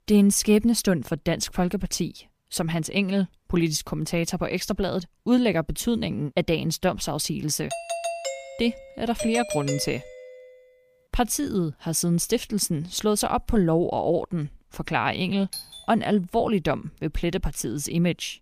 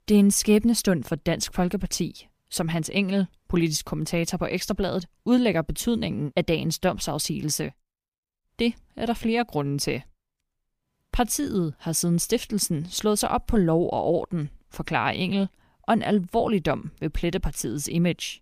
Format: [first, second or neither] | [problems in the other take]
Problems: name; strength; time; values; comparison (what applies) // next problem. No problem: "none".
second | doorbell; noticeable; from 7.5 to 10 s; peak 5 dB below the speech // doorbell; faint; at 16 s; peak 10 dB below the speech